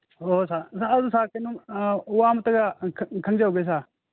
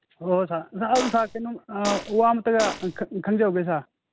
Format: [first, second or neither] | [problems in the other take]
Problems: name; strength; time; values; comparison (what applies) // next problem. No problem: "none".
first | background sound (Fart); 8 dB below the speech